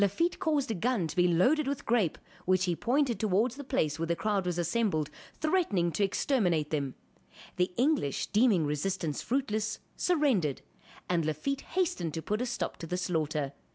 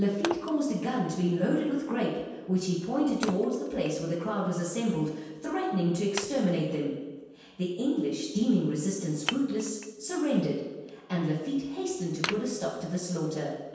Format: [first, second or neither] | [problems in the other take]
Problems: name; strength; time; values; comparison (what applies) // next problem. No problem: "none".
first | background sound (Wood); 15 dB below the speech // room echo; dies away in 1.2 s